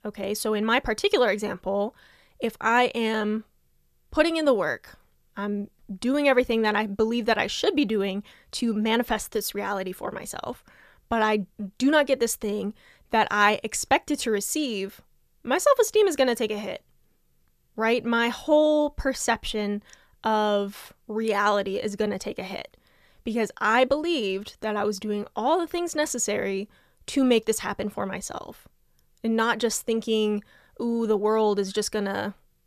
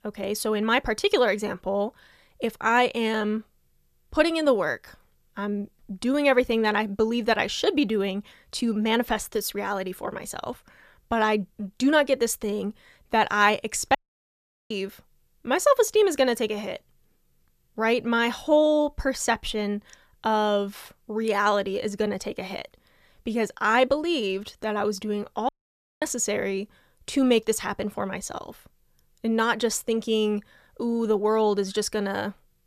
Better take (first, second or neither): first